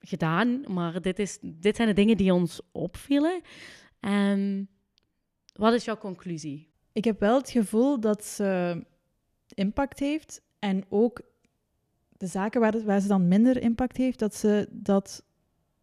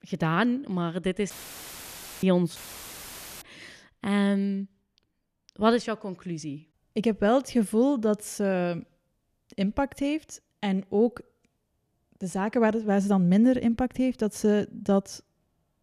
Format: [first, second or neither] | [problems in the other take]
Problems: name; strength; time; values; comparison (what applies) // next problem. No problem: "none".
first | audio cutting out; filled with static; at 1.5 s for 1 s and at 2.5 s for 1 s